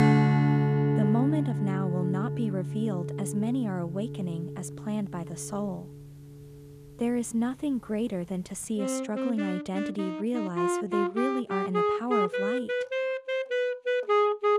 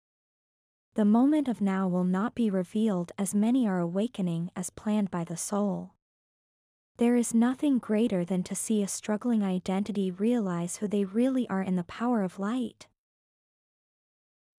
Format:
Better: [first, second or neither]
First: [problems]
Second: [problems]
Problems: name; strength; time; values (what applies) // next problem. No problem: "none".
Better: second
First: background music; very loud; throughout; 3 dB above the speech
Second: none